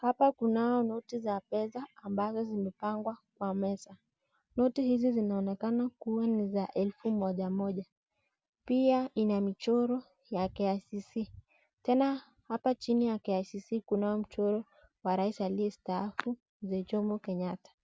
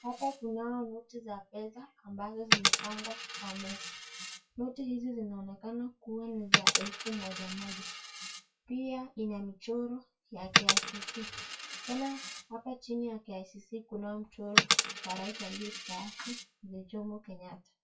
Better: first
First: none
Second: noise reduction (classical method WPE with log-MMSE)

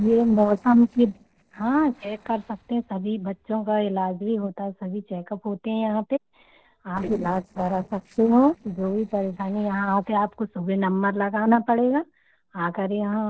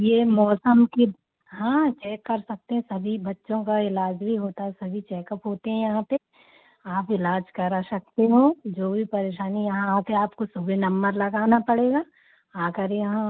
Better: second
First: noise reduction (neural separator model SepFormer DNS4)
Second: none

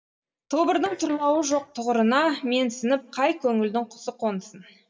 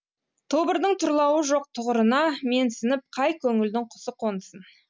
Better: second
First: noise reduction (neural mask model DeepFilterNet 3)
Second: none

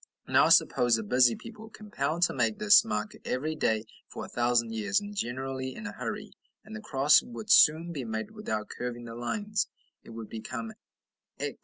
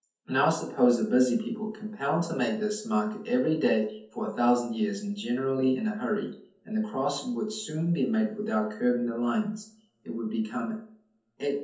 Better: first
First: none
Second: room echo; dies away in 0.5 s

